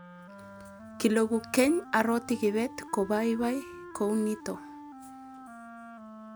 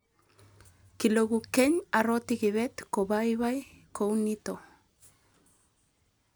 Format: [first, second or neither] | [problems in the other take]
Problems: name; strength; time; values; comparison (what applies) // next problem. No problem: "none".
second | background sound (Wind instrument, woodwind instrument); 16 dB below the speech